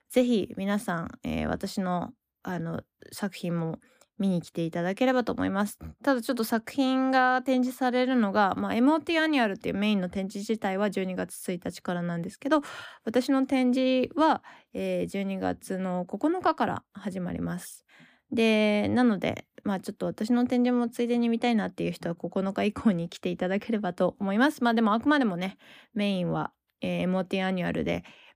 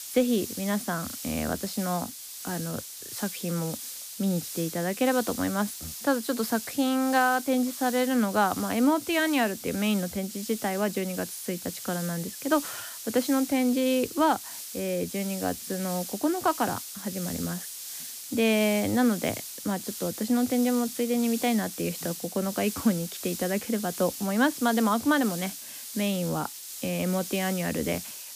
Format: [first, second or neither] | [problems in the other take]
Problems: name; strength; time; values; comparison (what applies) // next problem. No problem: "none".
first | hiss; loud; throughout; 8 dB below the speech